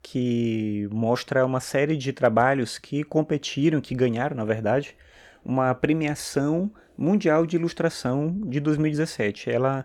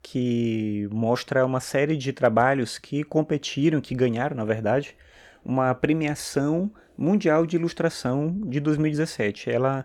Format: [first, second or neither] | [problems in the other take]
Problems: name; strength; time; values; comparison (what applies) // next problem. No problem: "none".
neither | none